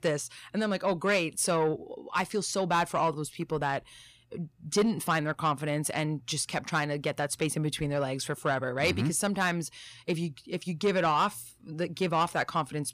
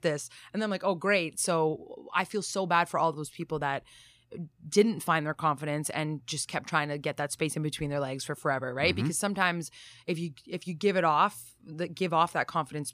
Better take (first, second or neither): second